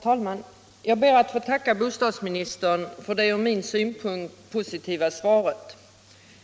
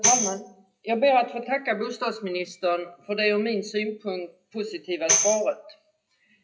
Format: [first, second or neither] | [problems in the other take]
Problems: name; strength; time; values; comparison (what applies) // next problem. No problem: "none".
first | noise reduction (classical method WPE with log-MMSE)